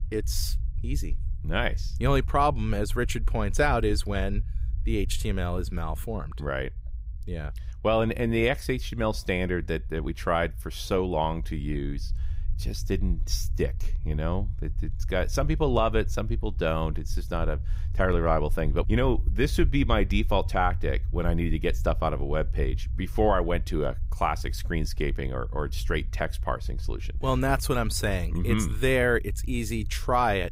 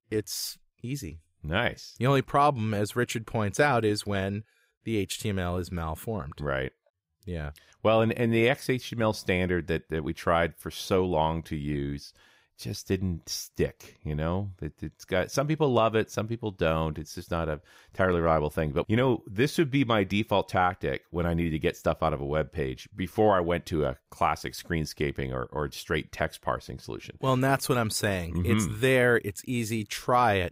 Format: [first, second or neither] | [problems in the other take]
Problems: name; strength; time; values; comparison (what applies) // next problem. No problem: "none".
second | low rumble; faint; throughout; 25 dB below the speech